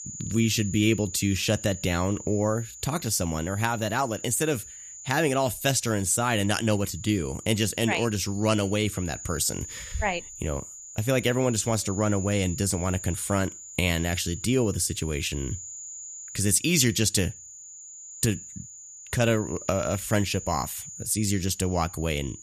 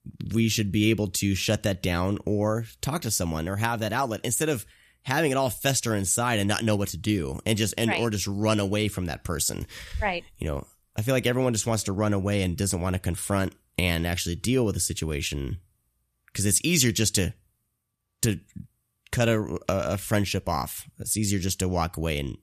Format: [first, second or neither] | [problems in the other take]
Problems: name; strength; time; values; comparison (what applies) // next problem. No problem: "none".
second | high-pitched whine; noticeable; throughout; 7 kHz, 15 dB below the speech